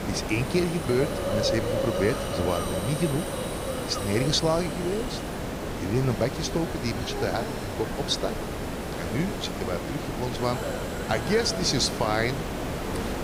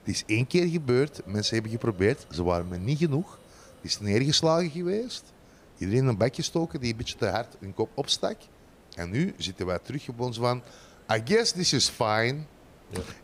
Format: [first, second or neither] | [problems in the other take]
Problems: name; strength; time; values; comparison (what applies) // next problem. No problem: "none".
second | hiss; loud; throughout; 3 dB below the speech; faint in the second